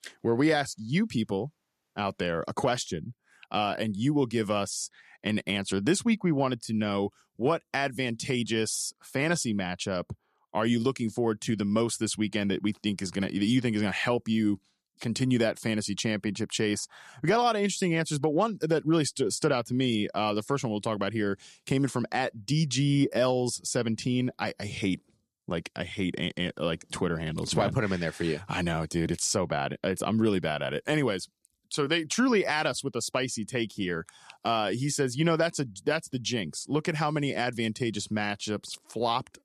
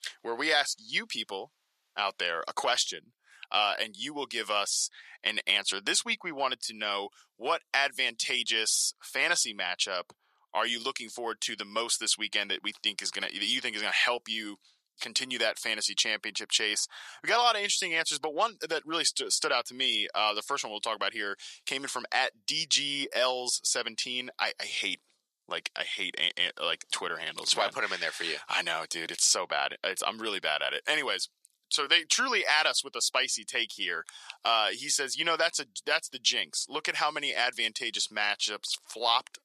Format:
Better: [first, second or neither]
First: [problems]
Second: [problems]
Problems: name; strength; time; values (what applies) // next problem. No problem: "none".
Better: first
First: none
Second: thin; very; fading below 850 Hz